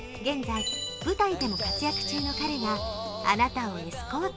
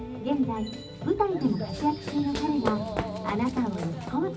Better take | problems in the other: first | background sound (Run); 11 dB below the speech // room echo; dies away in 0.4 s

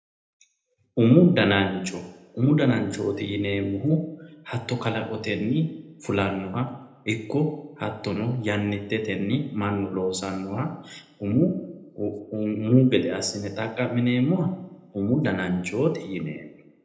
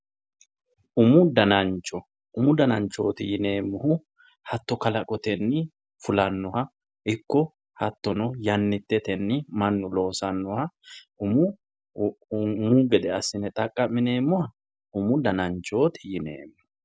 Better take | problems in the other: second | room echo; dies away in 0.8 s

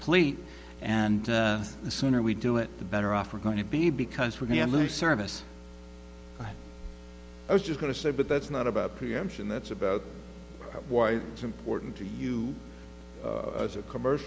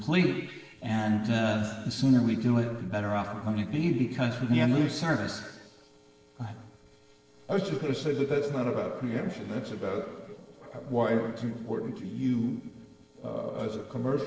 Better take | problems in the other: first | noise reduction (neural separator model SepFormer DNS4)

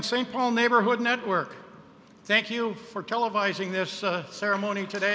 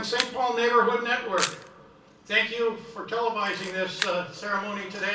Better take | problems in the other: first | background sound (Camera); 11 dB below the speech // room echo; dies away in 0.3 s

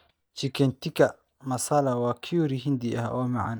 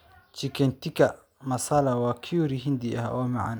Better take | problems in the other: second | noise reduction (neural mask model DeepFilterNet 3)

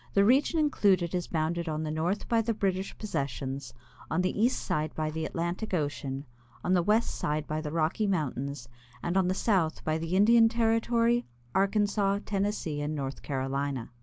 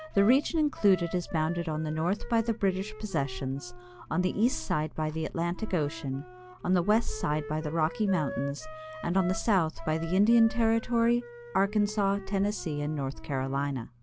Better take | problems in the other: first | background sound (Wind instrument, woodwind instrument); 16 dB below the speech

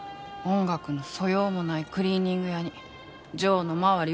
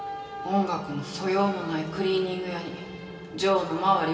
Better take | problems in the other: first | background sound (Wind instrument, woodwind instrument); 20 dB below the speech // room echo; dies away in 2.5 s

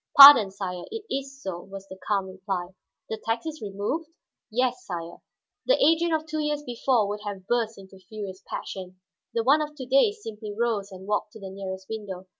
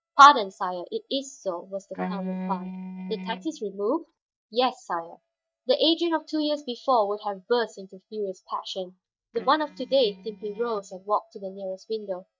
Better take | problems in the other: first | noise reduction (neural mask model DeepFilterNet 3)

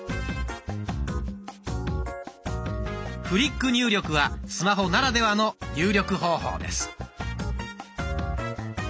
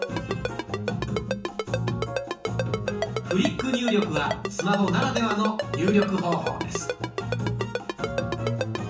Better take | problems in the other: first | background sound (Ringtone); 5 dB below the speech // room echo; dies away in 0.8 s

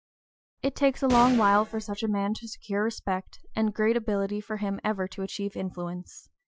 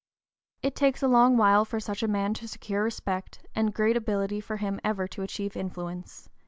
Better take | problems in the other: second | noise reduction (classical method Wiener filter)

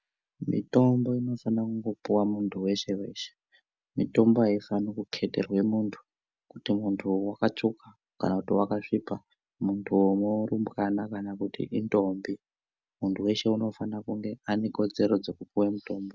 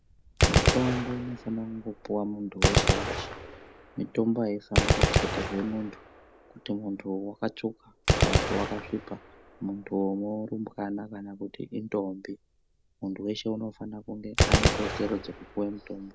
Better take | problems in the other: first | background sound (Gunshot, gunfire); 3 dB above the speech

